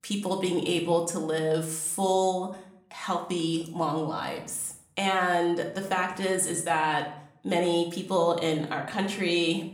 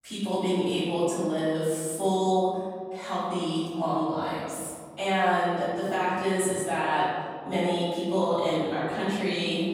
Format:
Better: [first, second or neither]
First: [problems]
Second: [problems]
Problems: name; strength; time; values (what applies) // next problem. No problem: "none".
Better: first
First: room echo; slight; dies away in 0.5 s // off-mic speech; somewhat distant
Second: room echo; strong; dies away in 1.9 s // off-mic speech; far